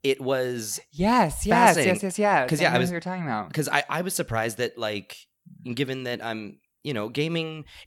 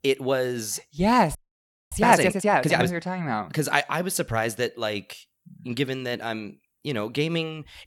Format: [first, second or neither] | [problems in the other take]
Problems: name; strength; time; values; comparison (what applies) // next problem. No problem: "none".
first | audio freezing; at 1.5 s for 0.5 s